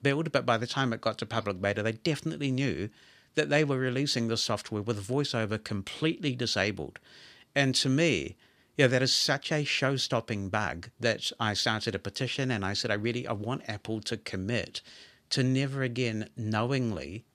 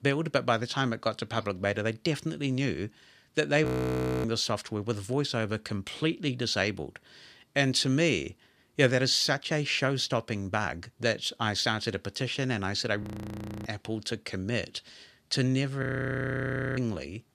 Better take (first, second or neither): first